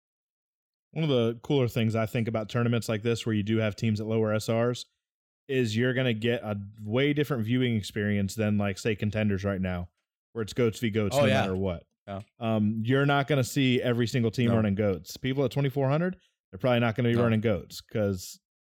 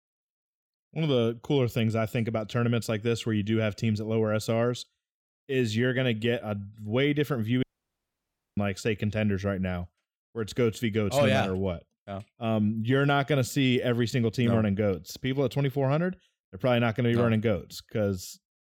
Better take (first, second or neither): first